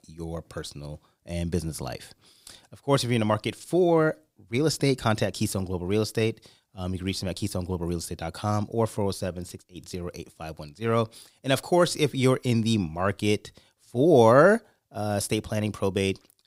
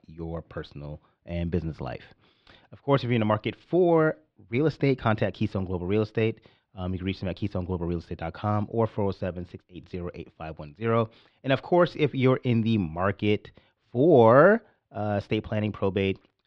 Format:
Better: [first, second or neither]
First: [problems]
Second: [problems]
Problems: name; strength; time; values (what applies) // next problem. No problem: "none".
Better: first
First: none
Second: muffled; very; fading above 3 kHz